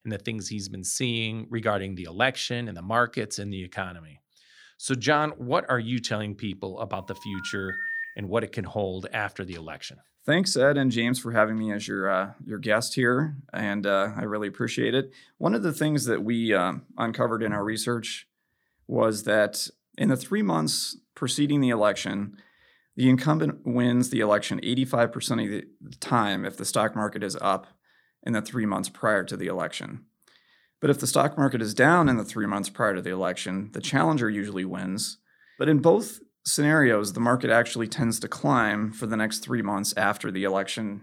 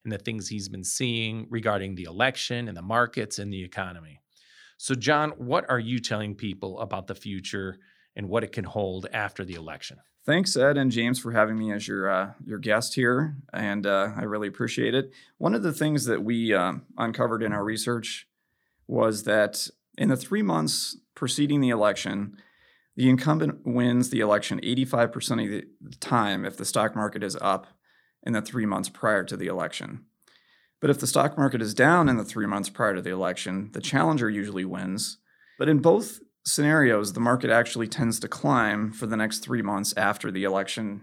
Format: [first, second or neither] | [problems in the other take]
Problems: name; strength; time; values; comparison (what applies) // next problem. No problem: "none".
second | phone ringing; noticeable; from 7 to 8 s; peak 4 dB below the speech